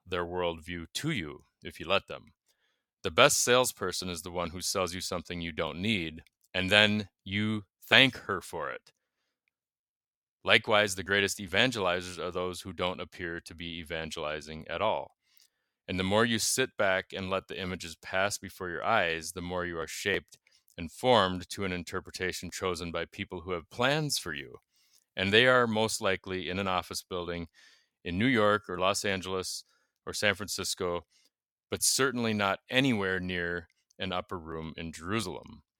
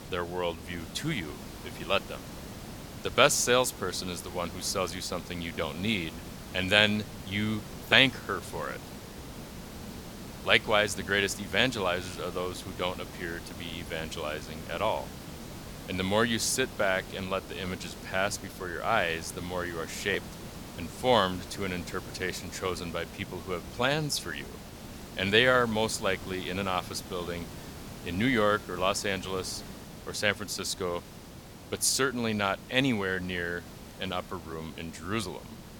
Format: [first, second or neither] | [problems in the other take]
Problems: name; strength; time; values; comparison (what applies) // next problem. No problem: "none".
first | hiss; noticeable; throughout; 15 dB below the speech